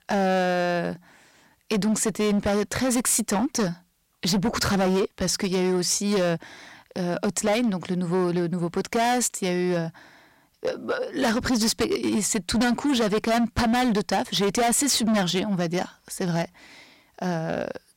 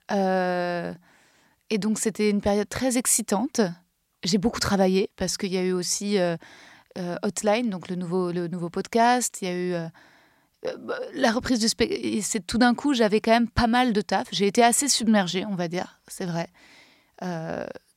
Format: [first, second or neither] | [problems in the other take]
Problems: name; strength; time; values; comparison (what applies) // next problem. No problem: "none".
second | distortion; heavy; 16% of the sound clipped